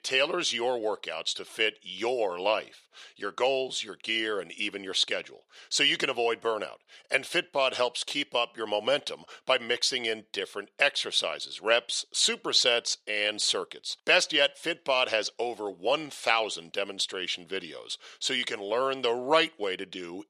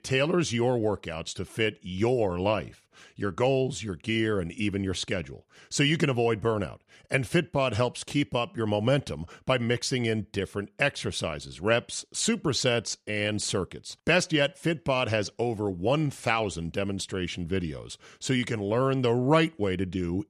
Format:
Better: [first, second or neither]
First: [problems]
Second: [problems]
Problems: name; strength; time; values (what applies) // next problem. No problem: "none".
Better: second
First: thin; very; fading below 550 Hz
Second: none